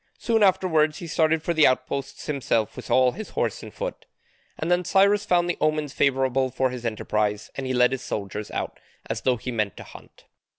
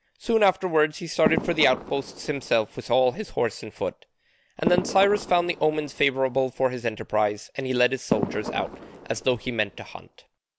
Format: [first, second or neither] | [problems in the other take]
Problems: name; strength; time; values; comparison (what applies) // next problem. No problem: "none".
first | background sound (Fireworks); 8 dB below the speech